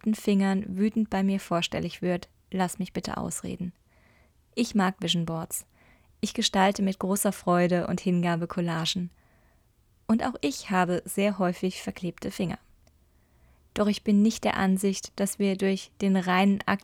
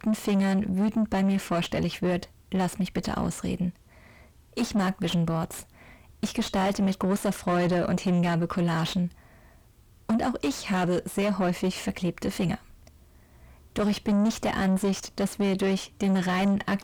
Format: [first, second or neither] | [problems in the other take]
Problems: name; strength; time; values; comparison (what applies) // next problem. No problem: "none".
first | distortion; heavy; 7 dB below the speech